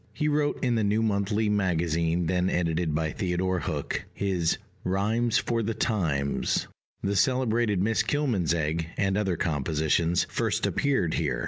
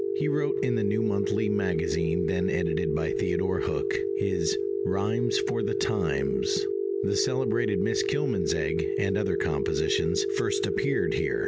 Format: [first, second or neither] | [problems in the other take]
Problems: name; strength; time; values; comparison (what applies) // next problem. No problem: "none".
first | background sound (Telephone); 2 dB above the speech